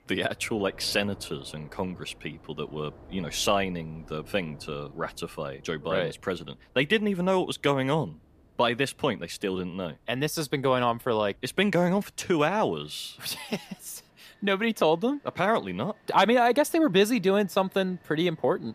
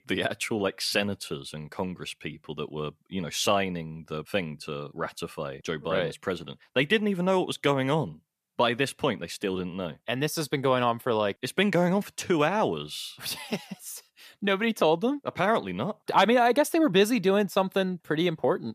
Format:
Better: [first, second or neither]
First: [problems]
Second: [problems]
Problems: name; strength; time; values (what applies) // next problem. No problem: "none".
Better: second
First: rain or running water; faint; throughout; 25 dB below the speech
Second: none